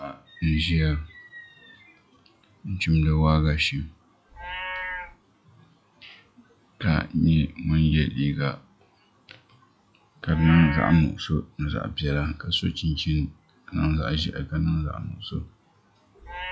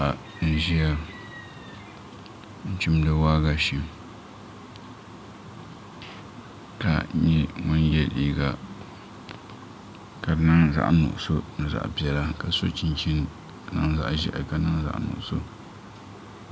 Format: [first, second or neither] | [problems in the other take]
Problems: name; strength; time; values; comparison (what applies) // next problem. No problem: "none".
second | noise reduction (classical method log-MMSE)